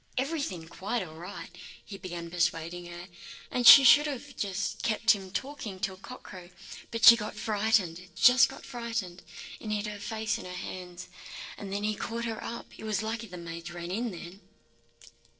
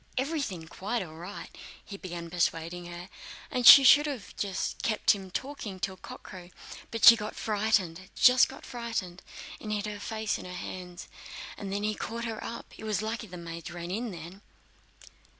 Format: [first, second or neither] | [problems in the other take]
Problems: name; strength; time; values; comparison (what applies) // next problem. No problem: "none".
second | noise reduction (neural separator model SepFormer DNS4)